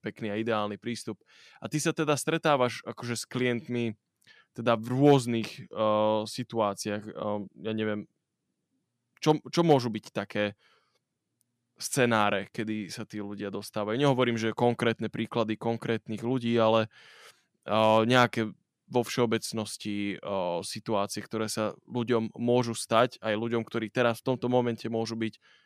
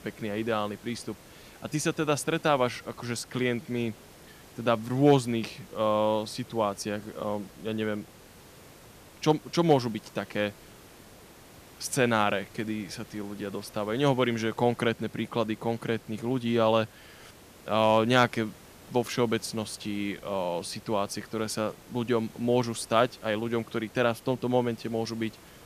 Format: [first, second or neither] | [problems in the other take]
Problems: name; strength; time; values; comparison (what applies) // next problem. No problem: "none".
first | hiss; faint; throughout; 20 dB below the speech